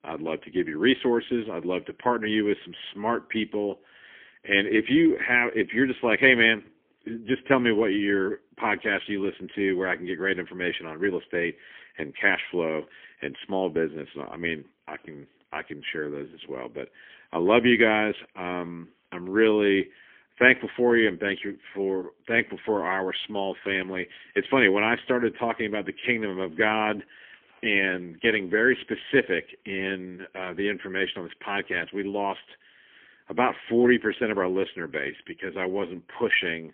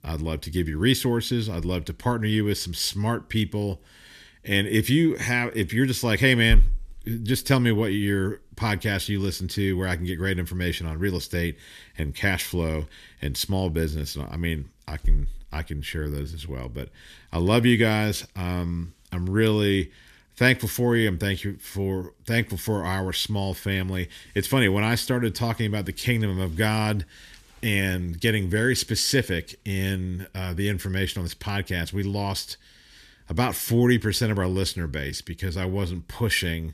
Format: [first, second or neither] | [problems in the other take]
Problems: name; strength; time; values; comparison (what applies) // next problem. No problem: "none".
second | phone-call audio; poor line; nothing above 3.5 kHz